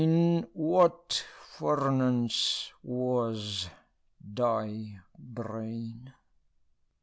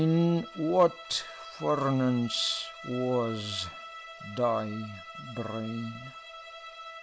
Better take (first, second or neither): first